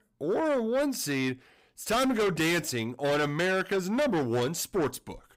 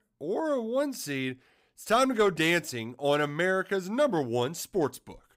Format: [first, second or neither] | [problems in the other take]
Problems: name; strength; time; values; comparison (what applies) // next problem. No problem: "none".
second | distortion; heavy; 7 dB below the speech